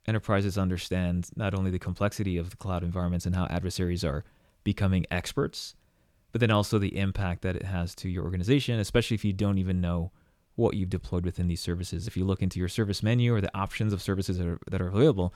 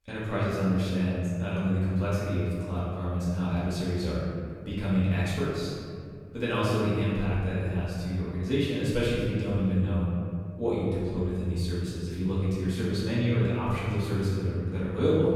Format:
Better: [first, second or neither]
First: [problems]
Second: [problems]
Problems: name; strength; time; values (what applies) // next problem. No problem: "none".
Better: first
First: none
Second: room echo; strong; dies away in 2.1 s // off-mic speech; far